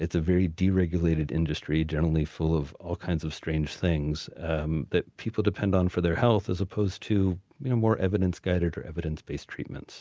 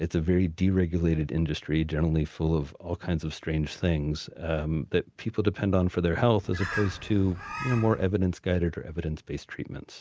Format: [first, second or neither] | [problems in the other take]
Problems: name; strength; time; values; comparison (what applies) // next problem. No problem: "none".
first | background sound (Bird); 10 dB below the speech